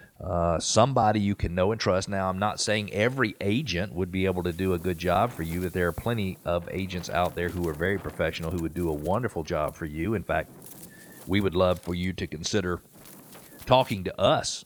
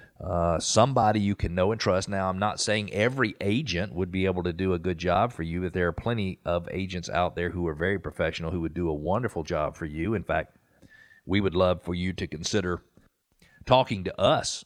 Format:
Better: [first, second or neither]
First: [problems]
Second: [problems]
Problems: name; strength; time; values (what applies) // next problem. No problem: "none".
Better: second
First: wind noise on the microphone; occasional gusts; 25 dB below the speech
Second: none